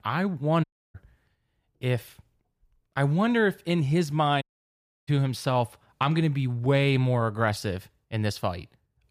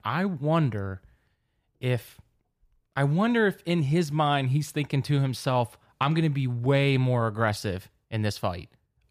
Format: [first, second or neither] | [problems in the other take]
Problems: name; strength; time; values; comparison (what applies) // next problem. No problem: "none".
second | audio cutting out; at 0.5 s and at 4.5 s for 0.5 s